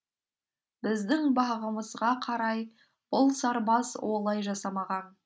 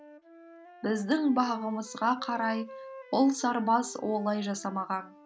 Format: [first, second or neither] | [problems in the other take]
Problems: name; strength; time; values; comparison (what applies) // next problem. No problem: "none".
first | background sound (Wind instrument, woodwind instrument); 18 dB below the speech